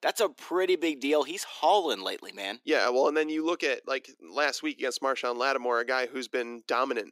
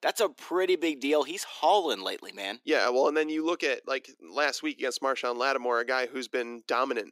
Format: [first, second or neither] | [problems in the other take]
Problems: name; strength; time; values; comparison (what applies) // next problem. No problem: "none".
neither | thin; somewhat; fading below 300 Hz; the same in both